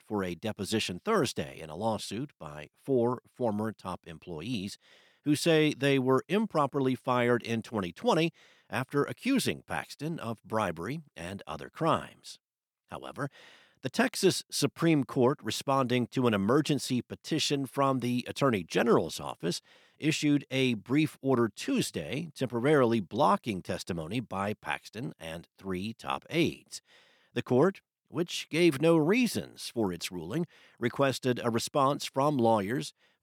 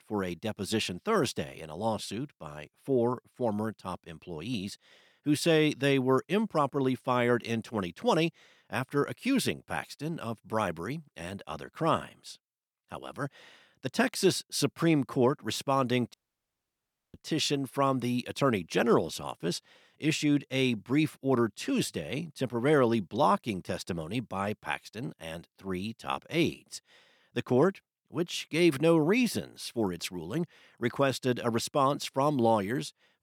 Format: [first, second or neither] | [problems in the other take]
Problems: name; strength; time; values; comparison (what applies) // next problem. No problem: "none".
first | audio cutting out; at 16 s for 1 s